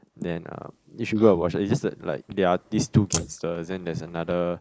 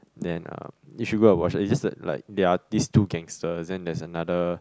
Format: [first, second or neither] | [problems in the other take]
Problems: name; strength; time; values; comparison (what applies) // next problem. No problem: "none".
second | noise reduction (neural mask model Resemble Enhance denoiser)